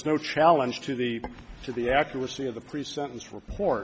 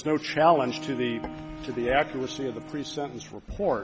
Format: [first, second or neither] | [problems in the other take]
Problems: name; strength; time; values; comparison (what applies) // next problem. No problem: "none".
first | background sound (Bowed string instrument); 14 dB below the speech